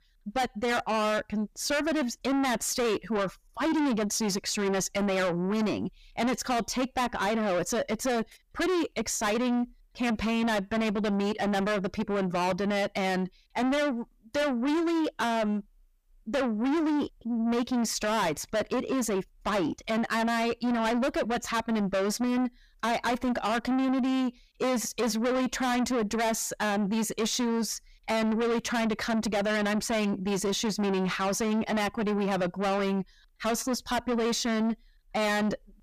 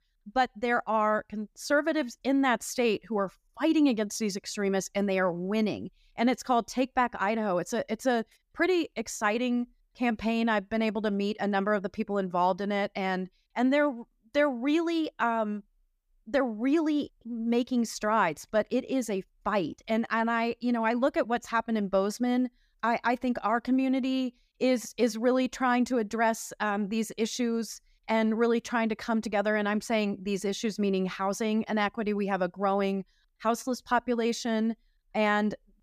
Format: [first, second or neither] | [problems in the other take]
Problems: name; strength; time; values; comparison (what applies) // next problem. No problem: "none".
second | distortion; heavy; 6 dB below the speech